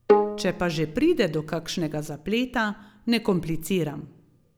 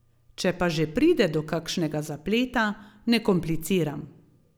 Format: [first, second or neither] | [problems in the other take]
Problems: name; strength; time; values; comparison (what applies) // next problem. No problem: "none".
second | background sound (Bowed string instrument); 1 dB below the speech